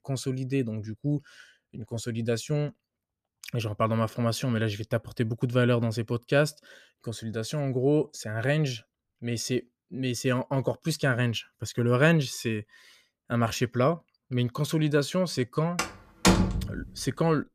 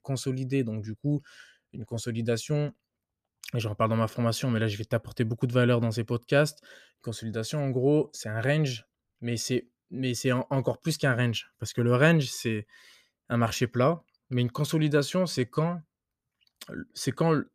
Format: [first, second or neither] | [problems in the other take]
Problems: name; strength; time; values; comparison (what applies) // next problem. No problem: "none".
second | door banging; loud; from 16 to 17 s; peak 6 dB above the speech